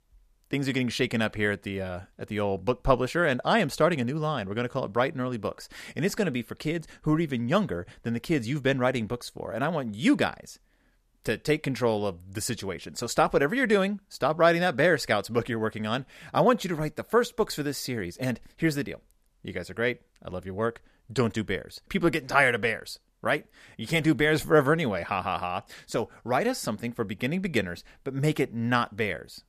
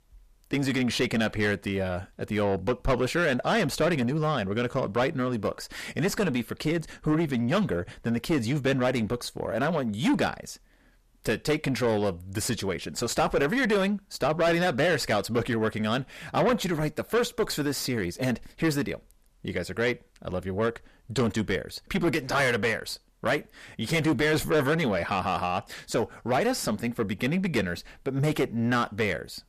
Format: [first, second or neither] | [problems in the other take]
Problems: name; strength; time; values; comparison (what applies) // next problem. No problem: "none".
first | distortion; heavy; 7 dB below the speech